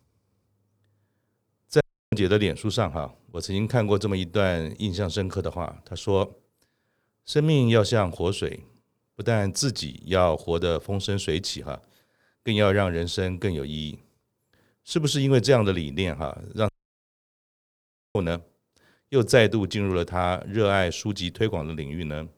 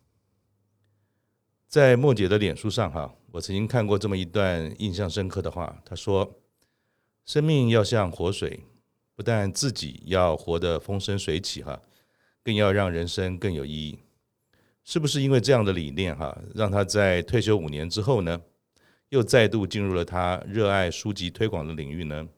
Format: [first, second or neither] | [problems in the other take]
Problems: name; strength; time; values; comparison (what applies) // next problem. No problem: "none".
second | audio cutting out; at 2 s and at 17 s for 1.5 s